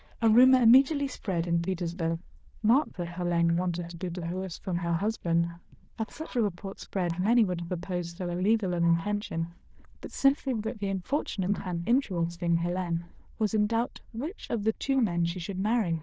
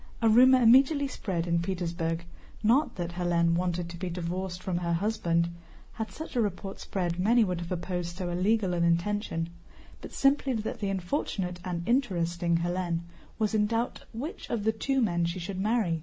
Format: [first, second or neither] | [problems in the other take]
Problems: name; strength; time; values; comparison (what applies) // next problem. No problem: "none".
second | noise reduction (neural diffusion model UNIVERSE++)